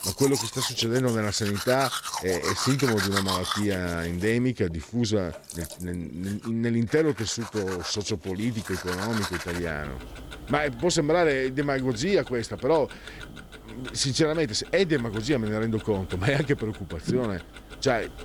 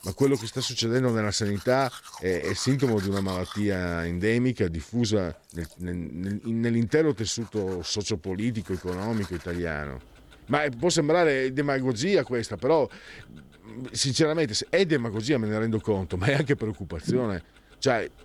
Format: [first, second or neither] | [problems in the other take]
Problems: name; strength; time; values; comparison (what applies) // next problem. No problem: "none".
second | household noises; loud; throughout; 8 dB below the speech; faint in the second